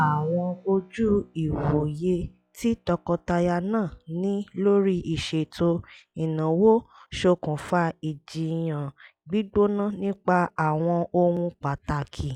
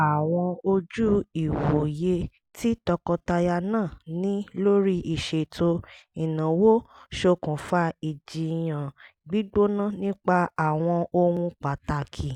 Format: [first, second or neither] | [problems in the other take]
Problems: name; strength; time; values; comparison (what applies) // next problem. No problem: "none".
second | noise reduction (classical method log-MMSE)